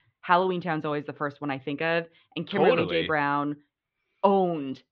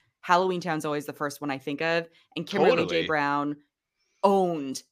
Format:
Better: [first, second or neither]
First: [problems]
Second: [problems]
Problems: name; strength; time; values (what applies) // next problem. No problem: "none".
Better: second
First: muffled; slightly; fading above 3.5 kHz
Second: none